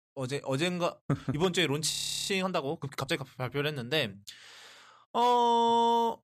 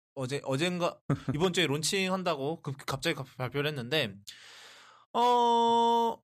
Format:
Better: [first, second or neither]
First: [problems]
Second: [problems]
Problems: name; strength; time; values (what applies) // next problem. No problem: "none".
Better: second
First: audio freezing; at 2 s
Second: none